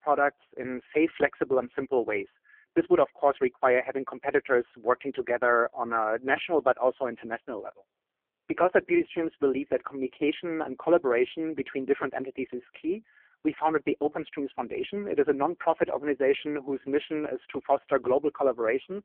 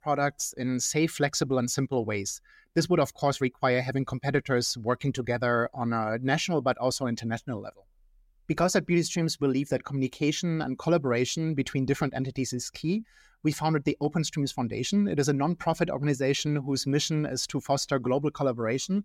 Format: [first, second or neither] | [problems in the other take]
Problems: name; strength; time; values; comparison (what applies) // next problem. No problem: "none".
second | phone-call audio; poor line; nothing above 3.5 kHz